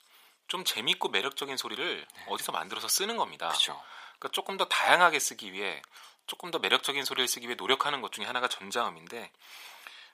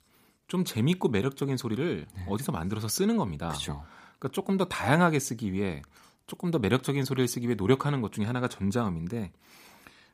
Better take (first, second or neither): second